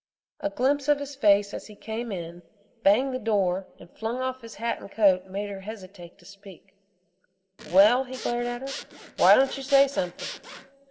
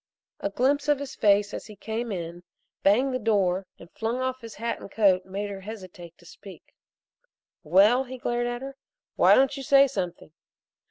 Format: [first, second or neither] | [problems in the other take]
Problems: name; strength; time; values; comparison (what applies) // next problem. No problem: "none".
second | background sound (Zipper (clothing) / Sawing); 14 dB below the speech // room echo; dies away in 0.8 s